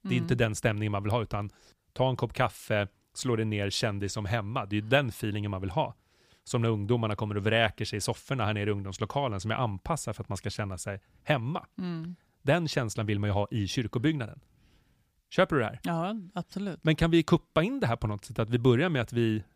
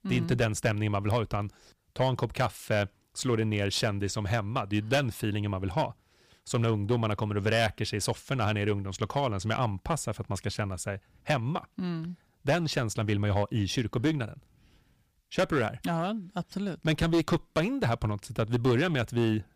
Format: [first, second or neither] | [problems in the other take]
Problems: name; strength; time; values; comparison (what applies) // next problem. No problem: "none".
first | distortion; slight; 6% of the sound clipped